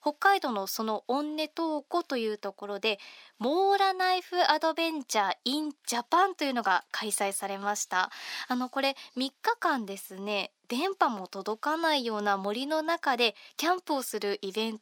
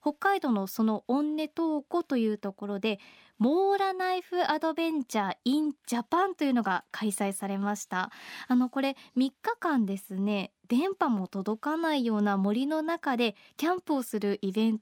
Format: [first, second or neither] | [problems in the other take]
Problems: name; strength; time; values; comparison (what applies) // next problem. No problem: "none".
second | thin; somewhat; fading below 450 Hz